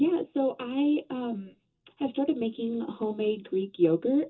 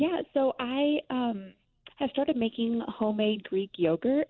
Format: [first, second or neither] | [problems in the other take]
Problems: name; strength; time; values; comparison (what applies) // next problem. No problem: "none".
second | room echo; dies away in 0.2 s